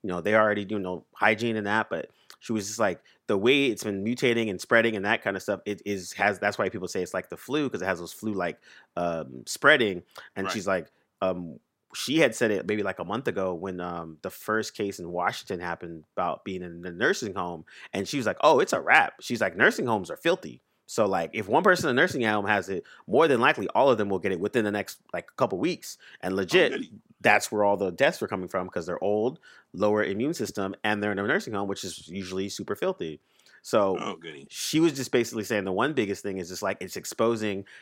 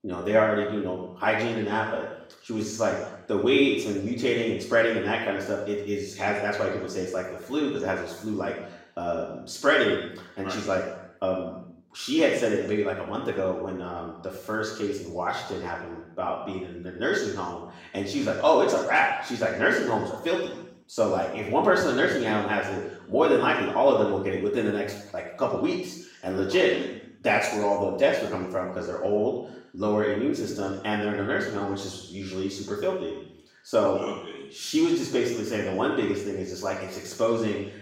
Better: first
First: none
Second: room echo; noticeable; dies away in 0.9 s // off-mic speech; far

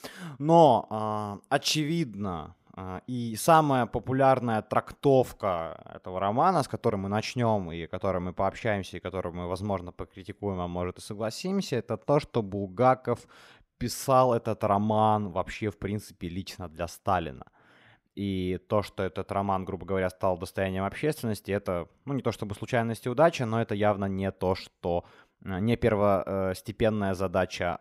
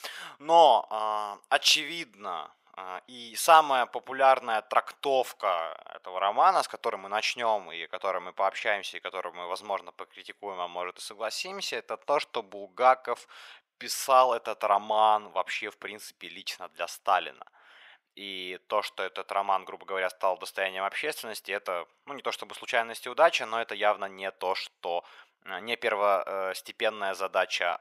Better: first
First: none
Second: thin; very; fading below 800 Hz

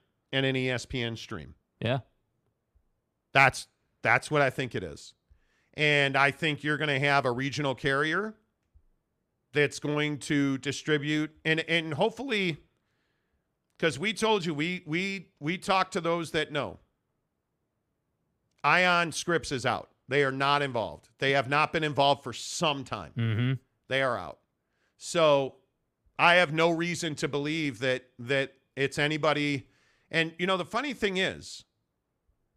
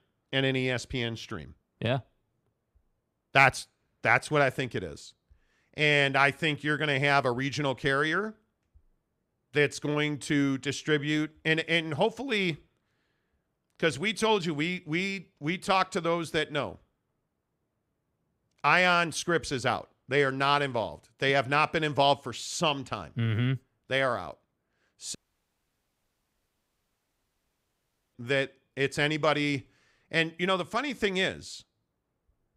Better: first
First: none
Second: audio cutting out; at 25 s for 3 s

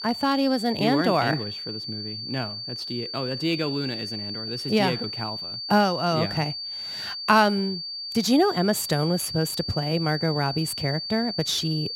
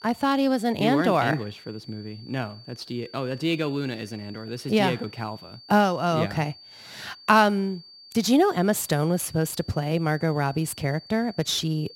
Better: second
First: high-pitched whine; loud; throughout; 4.5 kHz, 6 dB below the speech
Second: high-pitched whine; faint; throughout; 4.5 kHz, 20 dB below the speech

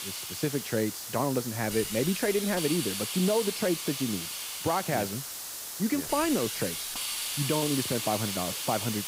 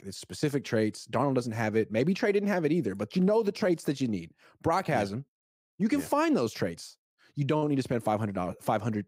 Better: second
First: hiss; loud; throughout; 3 dB below the speech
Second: none

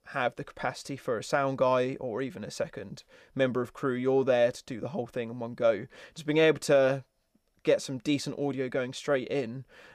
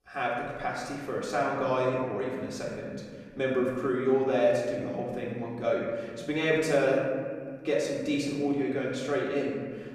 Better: first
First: none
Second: room echo; noticeable; dies away in 1.7 s // off-mic speech; far

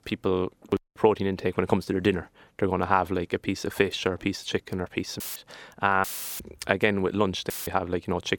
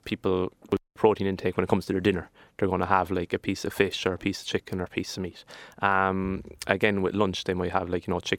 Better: second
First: audio cutting out; filled with static; at 5 s, at 6 s and at 7.5 s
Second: none

